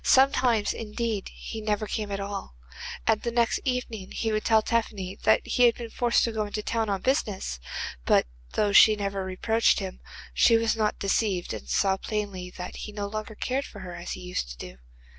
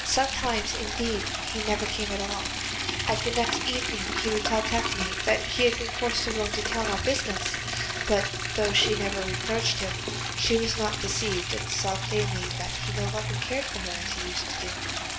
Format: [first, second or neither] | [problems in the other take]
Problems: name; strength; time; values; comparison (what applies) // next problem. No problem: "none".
first | background sound (Liquid); 1 dB below the speech // room echo; dies away in 2.8 s